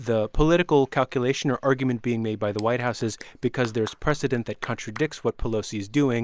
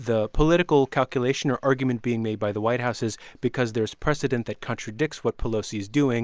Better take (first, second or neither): second